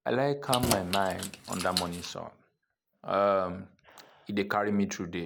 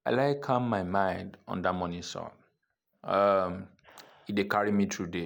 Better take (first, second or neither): second